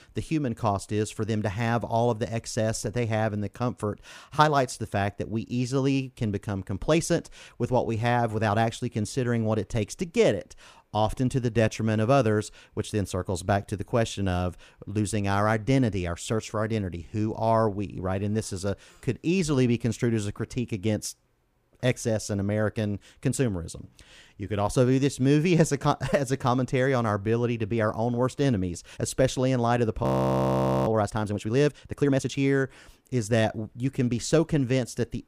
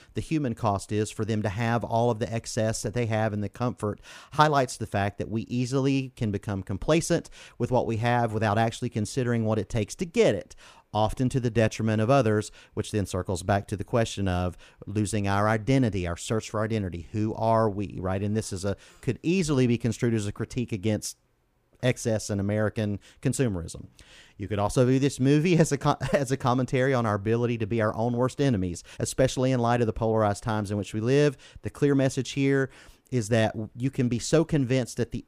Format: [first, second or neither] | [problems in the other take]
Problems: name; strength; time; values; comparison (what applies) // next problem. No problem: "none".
second | audio freezing; at 30 s for 1 s